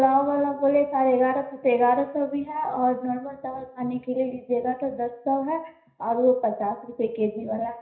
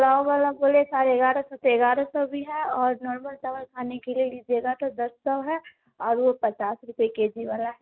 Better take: second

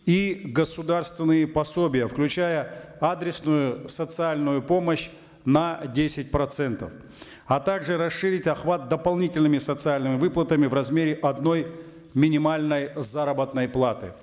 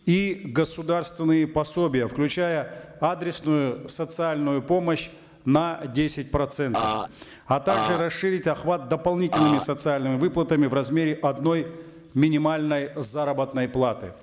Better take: first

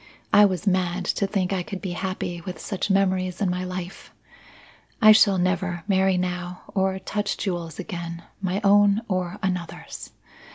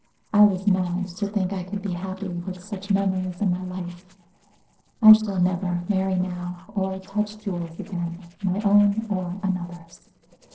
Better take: first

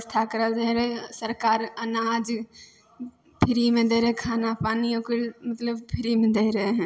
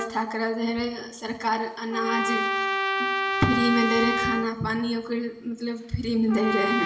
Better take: first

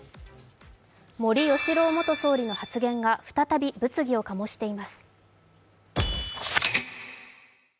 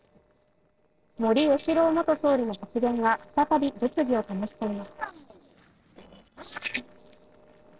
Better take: first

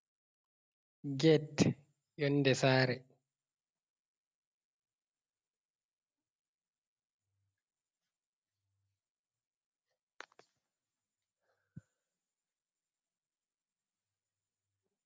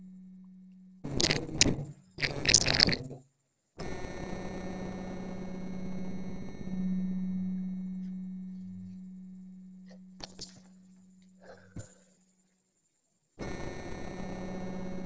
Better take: first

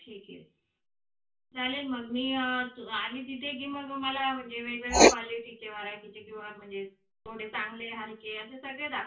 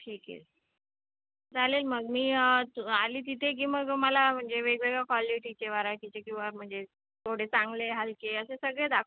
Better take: second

